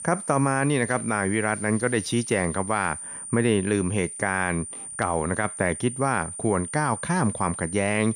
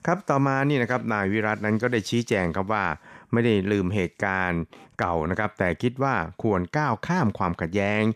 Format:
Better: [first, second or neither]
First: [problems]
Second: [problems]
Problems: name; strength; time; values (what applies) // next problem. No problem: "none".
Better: second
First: high-pitched whine; loud; throughout; 9 kHz, 9 dB below the speech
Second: none